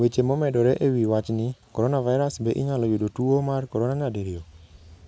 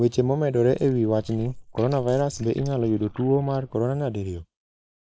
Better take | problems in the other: first | noise reduction (neural mask model Resemble Enhance denoiser)

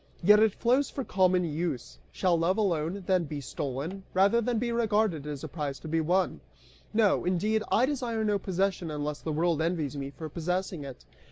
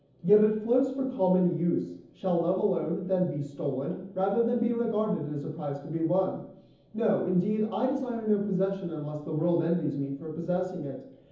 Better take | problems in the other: first | room echo; dies away in 0.7 s

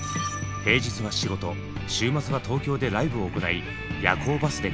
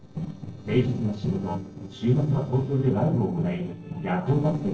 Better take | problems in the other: first | noise reduction (neural separator model SepFormer DNS4)

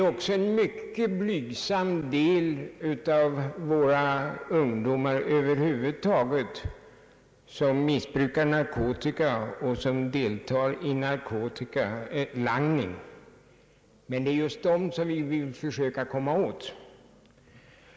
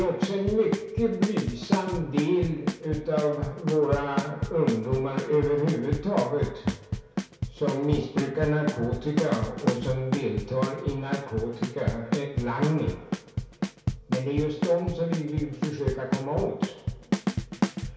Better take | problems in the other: first | background sound (Bass drum / Snare drum / Drum kit); 3 dB below the speech // room echo; dies away in 0.6 s

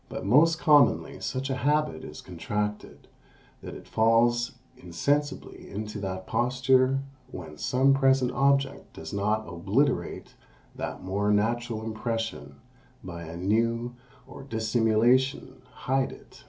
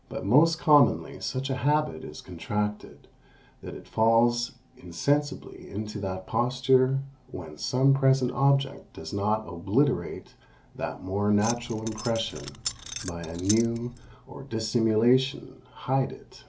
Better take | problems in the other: first | background sound (Keys jangling); 11 dB below the speech

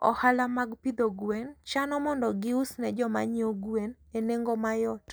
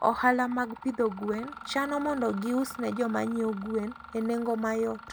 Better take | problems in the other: first | background sound (Mechanisms); 15 dB below the speech

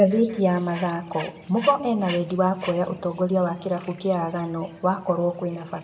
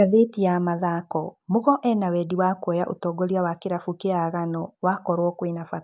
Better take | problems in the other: second | background sound (Bird); 19 dB below the speech // room echo; dies away in 0.6 s

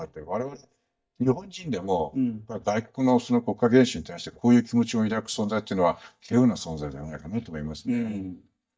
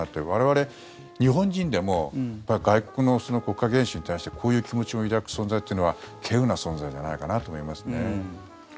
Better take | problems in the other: second | noise reduction (neural mask model DeepFilterNet 3)

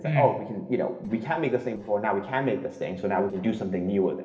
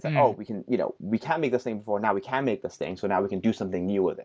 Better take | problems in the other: second | noise reduction (neural separator model SepFormer DNS4)

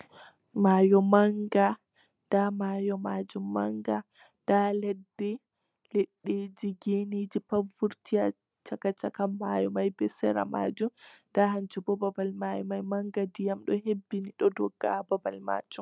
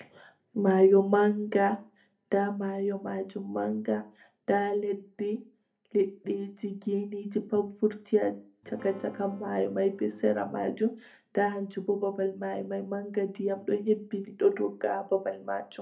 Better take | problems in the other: first | background sound (Acoustic guitar / Strum); 20 dB below the speech // room echo; dies away in 0.3 s

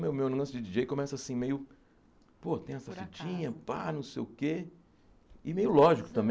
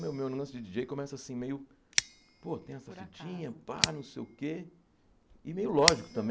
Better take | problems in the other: first | background sound (Scissors); 2 dB below the speech

